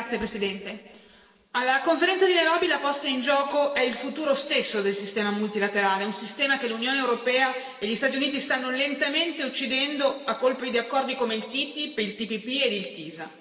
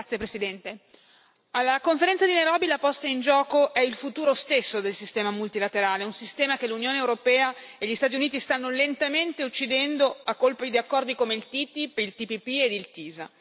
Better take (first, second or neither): second